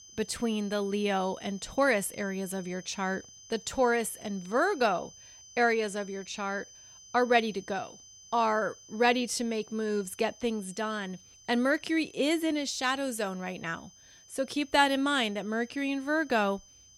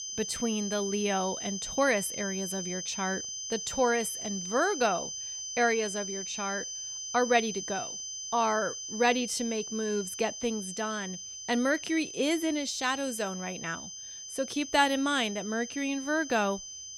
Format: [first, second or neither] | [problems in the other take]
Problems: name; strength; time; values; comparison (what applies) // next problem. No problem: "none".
first | high-pitched whine; loud; throughout; 6 kHz, 6 dB below the speech; faint in the first